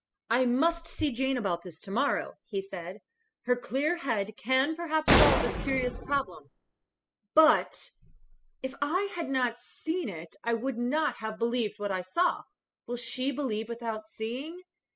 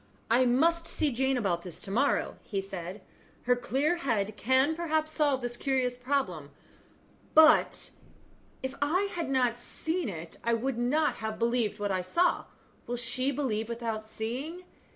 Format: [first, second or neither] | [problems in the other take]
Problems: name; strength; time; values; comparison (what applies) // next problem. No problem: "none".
second | noise reduction (classical method spectral subtraction)